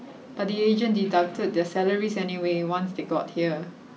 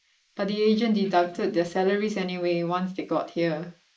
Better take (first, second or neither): first